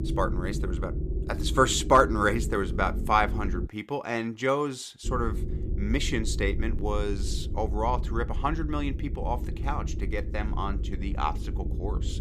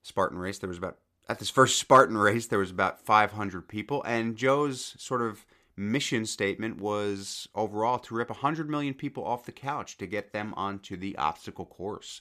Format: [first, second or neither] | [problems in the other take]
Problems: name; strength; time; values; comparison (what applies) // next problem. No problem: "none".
second | low rumble; noticeable; until 3.5 s and from 5 s on; 15 dB below the speech